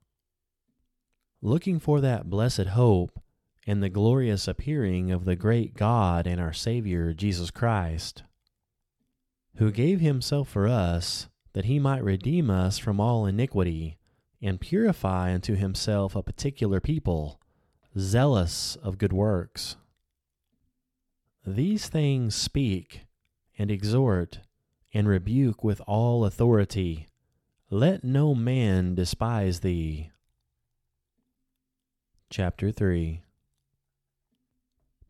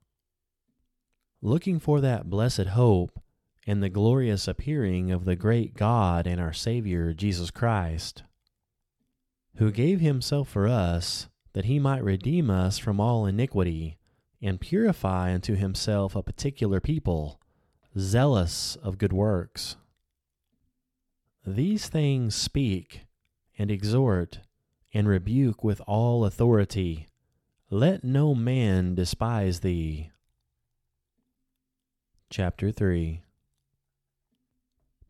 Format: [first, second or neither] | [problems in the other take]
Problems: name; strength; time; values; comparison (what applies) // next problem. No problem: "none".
neither | none